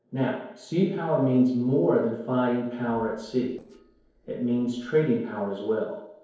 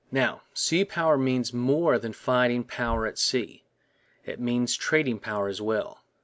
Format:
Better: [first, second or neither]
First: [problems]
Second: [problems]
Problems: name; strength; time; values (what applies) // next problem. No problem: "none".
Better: second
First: noise reduction (neural separator model SepFormer DNS4)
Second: none